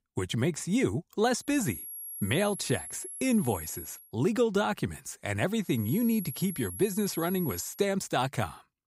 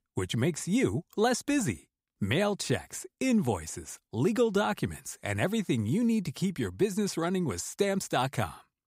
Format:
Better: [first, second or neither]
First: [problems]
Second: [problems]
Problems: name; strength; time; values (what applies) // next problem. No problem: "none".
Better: second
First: high-pitched whine; loud; from 1.5 to 4 s and from 6 to 7.5 s; 11.5 kHz, 9 dB below the speech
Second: none